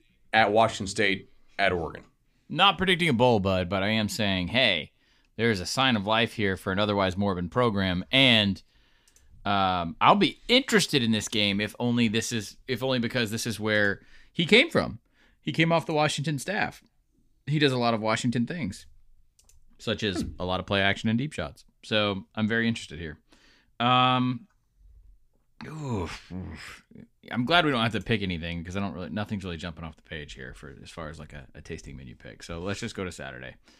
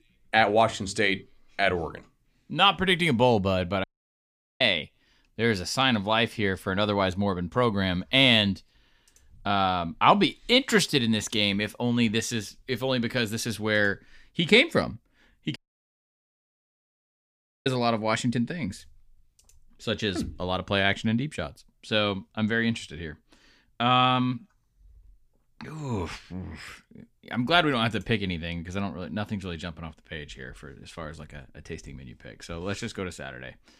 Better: first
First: none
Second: audio cutting out; at 4 s for 1 s and at 16 s for 2 s

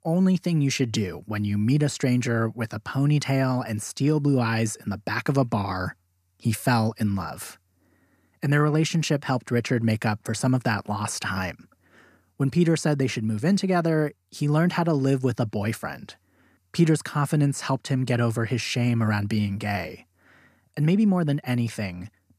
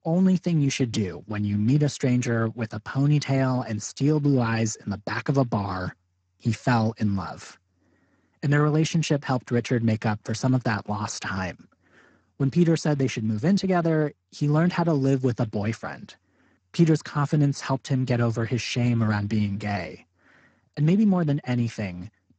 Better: first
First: none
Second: garbled, watery; badly; nothing above 7.5 kHz

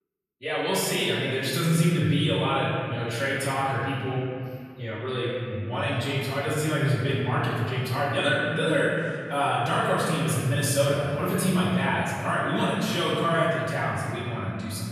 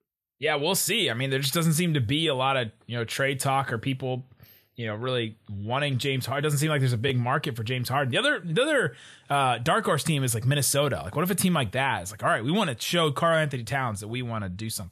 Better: second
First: off-mic speech; far // room echo; strong; dies away in 2.2 s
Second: none

